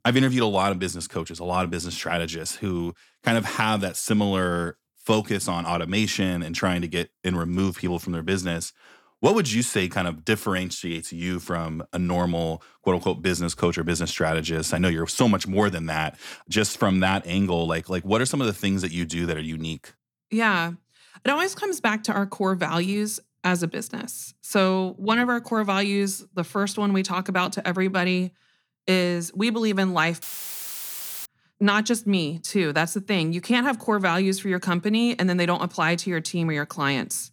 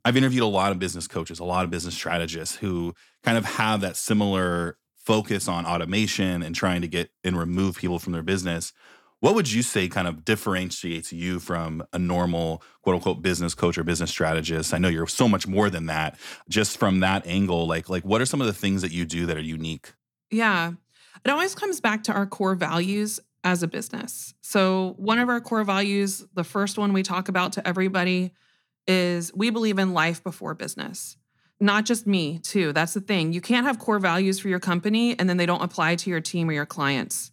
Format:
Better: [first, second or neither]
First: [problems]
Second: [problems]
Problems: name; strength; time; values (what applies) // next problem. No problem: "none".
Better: second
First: audio cutting out; filled with static; at 30 s for 1 s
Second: none